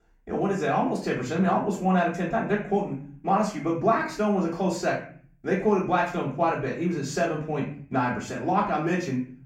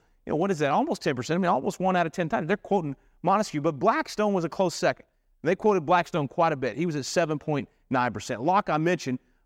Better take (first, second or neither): second